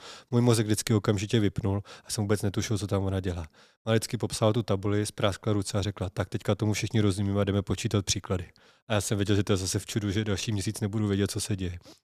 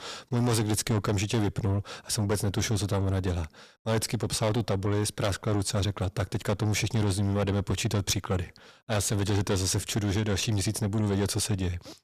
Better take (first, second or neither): first